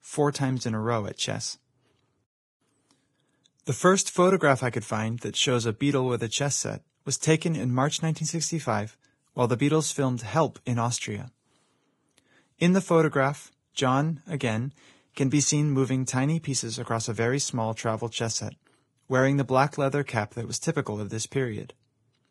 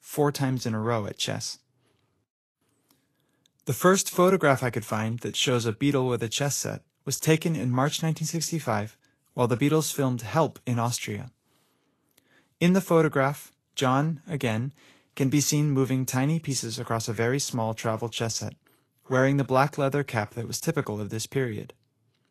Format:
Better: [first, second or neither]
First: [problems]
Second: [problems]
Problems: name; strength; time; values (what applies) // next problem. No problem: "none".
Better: second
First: garbled, watery; badly; nothing above 11.5 kHz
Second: garbled, watery; slightly; nothing above 13 kHz